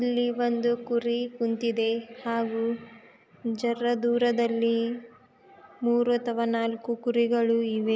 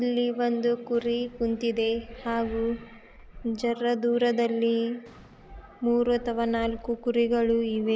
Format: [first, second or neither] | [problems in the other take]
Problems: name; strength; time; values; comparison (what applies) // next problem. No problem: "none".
first | background sound (Fireworks); 19 dB below the speech